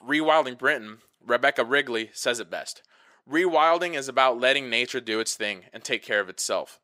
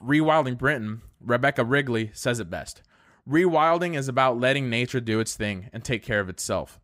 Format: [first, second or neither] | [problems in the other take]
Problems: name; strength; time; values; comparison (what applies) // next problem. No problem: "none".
second | thin; somewhat; fading below 450 Hz